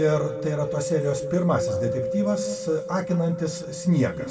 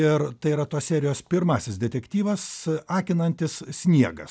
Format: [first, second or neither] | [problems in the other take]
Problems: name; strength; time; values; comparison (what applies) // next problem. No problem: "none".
second | background sound (Mallet percussion); 6 dB below the speech // room echo; dies away in 1.2 s